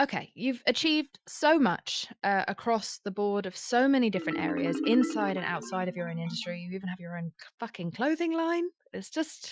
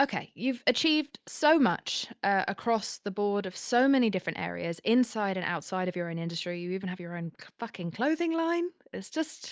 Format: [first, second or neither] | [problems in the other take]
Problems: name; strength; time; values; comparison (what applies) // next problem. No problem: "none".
second | noise reduction (classical method Wiener filter)